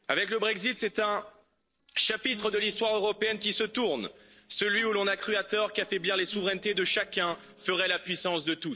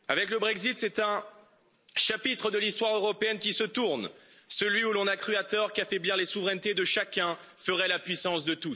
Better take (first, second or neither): second